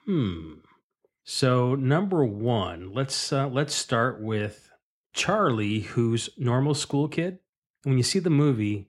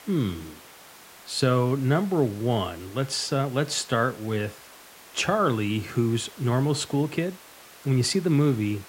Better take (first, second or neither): first